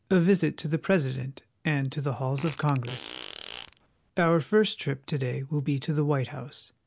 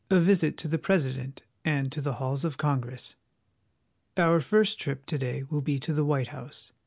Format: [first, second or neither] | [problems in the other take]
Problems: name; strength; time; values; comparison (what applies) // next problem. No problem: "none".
second | background sound (Fart); 16 dB below the speech